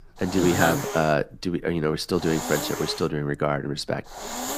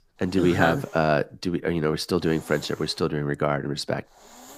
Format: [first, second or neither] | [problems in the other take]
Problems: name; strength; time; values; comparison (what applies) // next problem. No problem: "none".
second | hiss; loud; throughout; 7 dB below the speech; faint in the second